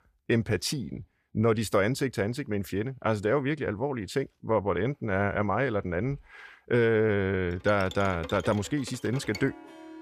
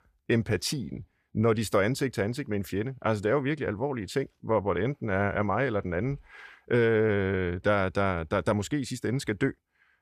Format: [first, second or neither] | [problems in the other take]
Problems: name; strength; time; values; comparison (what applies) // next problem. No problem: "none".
second | background music; noticeable; from 8 s on; 15 dB below the speech